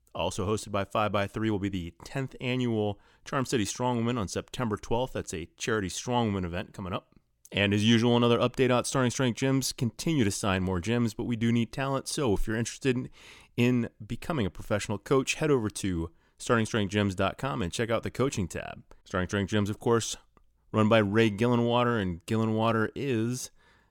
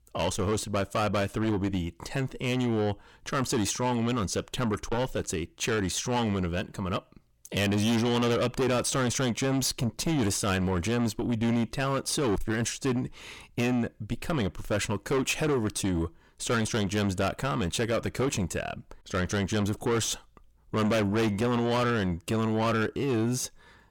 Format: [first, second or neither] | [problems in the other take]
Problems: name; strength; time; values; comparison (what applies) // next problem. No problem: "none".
first | distortion; heavy; 6 dB below the speech